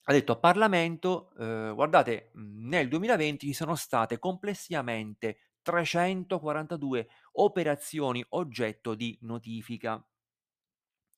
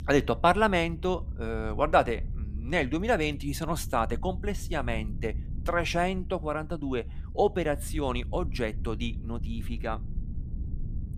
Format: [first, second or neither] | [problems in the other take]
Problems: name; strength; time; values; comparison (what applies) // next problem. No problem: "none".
first | low rumble; faint; throughout; 25 dB below the speech